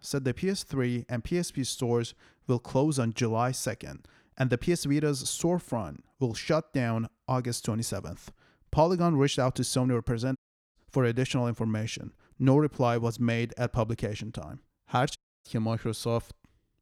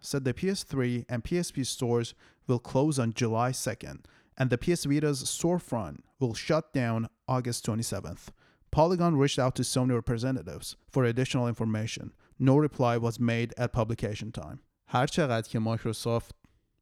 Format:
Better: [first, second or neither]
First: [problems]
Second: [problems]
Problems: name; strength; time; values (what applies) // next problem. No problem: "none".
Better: second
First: audio cutting out; at 10 s and at 15 s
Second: none